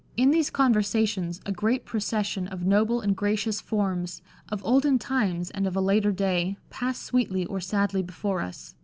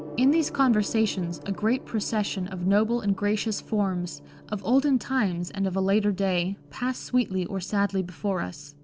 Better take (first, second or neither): first